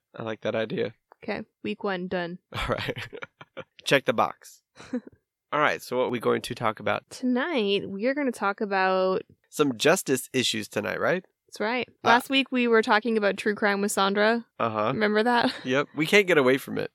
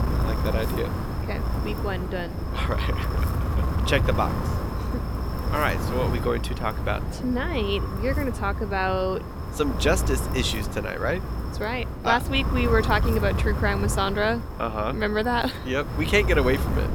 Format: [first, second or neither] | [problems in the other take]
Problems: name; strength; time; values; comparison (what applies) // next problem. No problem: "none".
first | wind noise on the microphone; heavy; 8 dB below the speech